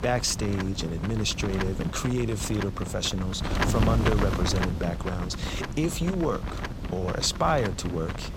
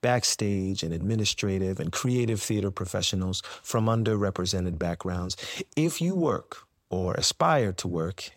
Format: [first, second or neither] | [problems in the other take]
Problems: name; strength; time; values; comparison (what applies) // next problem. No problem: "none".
second | wind noise on the microphone; heavy; 5 dB below the speech